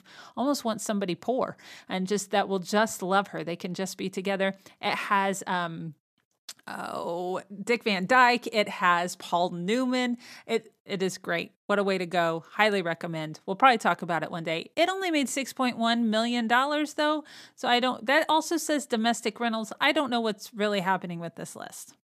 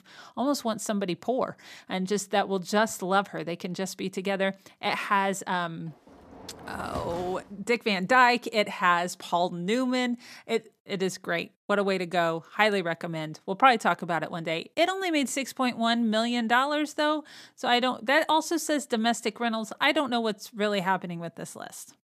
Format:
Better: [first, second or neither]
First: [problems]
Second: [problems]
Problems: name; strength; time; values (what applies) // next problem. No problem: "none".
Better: first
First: none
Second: door banging; faint; from 6 to 7.5 s; peak 10 dB below the speech